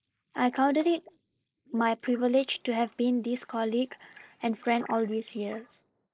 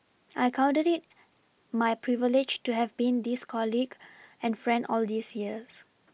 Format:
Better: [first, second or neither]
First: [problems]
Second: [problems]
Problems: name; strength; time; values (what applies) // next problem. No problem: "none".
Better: second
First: noise reduction (neural mask model Resemble Enhance denoiser)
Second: none